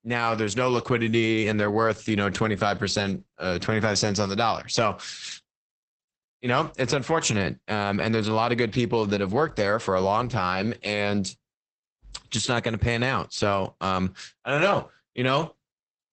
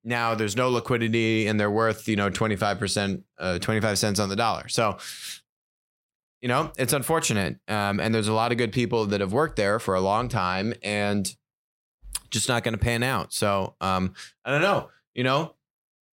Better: second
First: garbled, watery; badly; nothing above 8 kHz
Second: none

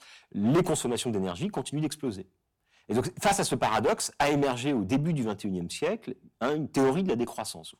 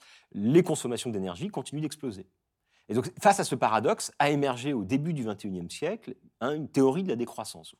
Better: second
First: distortion; heavy; 7% of the sound clipped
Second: none

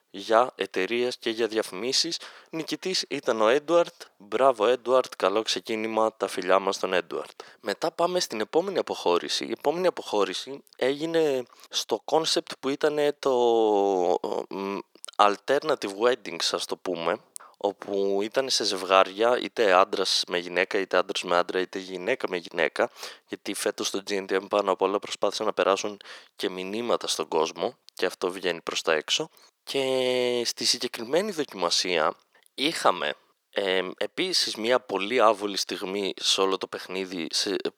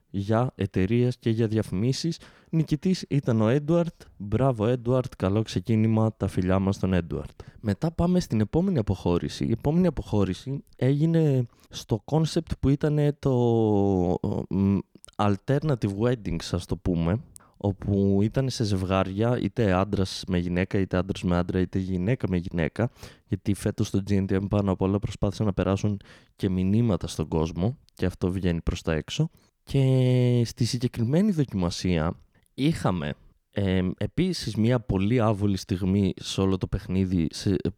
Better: second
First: thin; very; fading below 450 Hz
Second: none

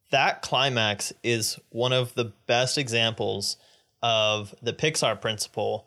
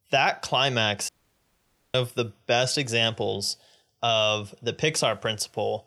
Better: first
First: none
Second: audio cutting out; at 1 s for 1 s

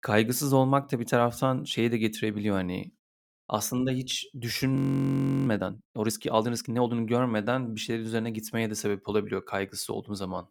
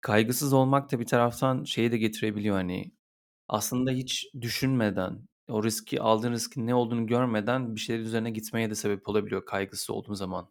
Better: second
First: audio freezing; at 5 s for 0.5 s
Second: none

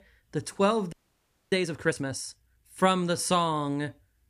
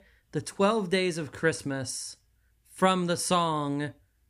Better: second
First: audio freezing; at 1 s for 0.5 s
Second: none

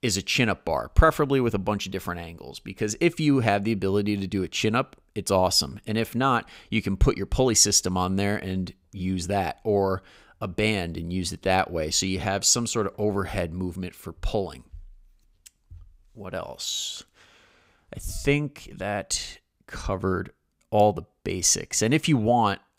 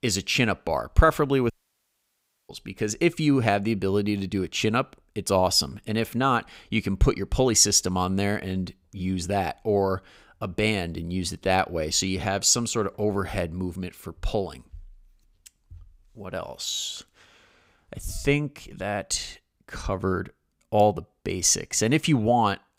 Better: first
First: none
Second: audio cutting out; at 1.5 s for 1 s

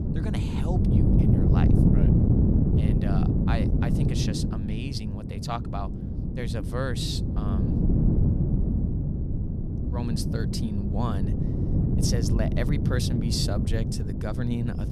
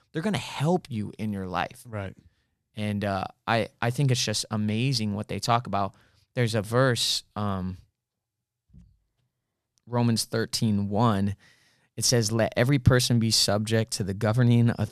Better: second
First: wind noise on the microphone; heavy; as loud as the speech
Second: none

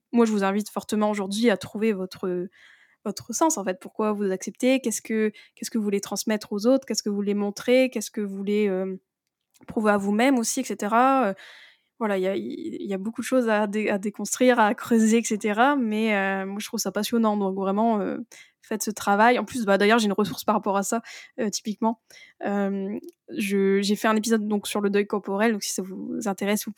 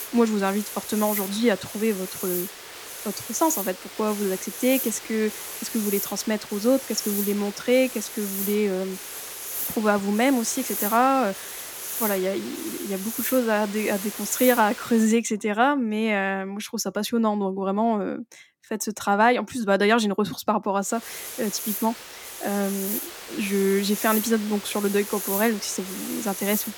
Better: first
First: none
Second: hiss; loud; until 15 s and from 21 s on; 7 dB below the speech

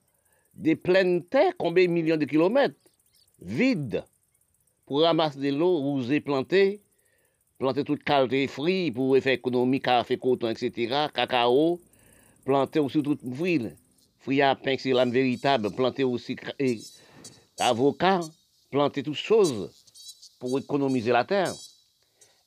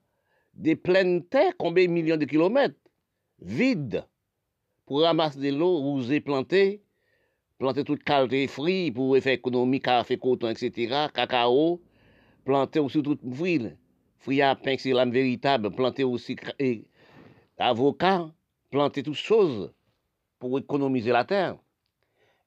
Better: second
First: animal sounds; faint; throughout; 20 dB below the speech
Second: none

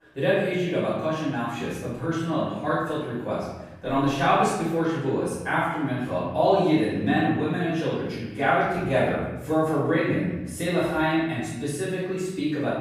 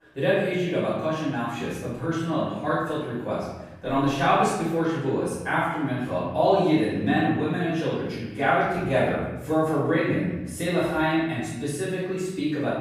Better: neither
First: room echo; strong; dies away in 1 s // off-mic speech; far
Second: room echo; strong; dies away in 1 s // off-mic speech; far

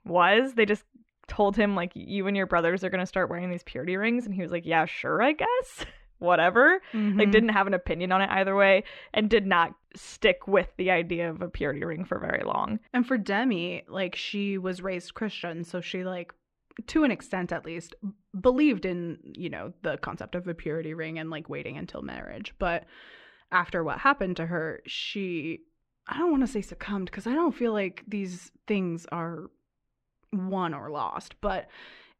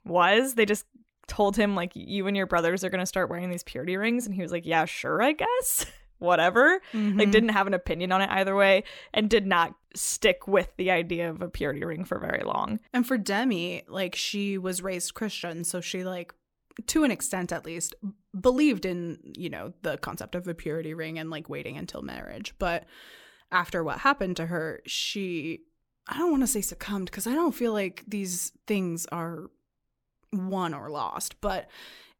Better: second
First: muffled; slightly; fading above 2.5 kHz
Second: none

